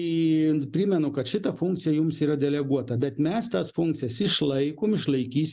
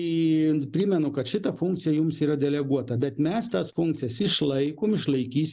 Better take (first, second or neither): first